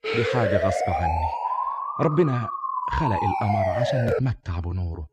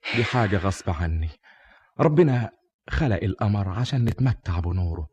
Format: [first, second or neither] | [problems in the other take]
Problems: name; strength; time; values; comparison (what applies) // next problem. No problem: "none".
second | siren; loud; until 4 s; peak 3 dB above the speech